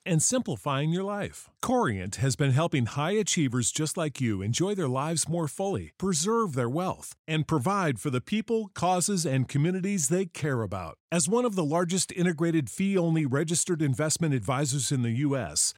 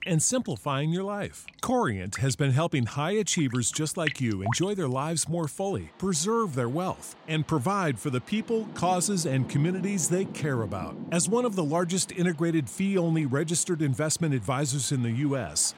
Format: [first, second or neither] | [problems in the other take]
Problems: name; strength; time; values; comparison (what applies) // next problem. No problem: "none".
first | rain or running water; noticeable; throughout; 15 dB below the speech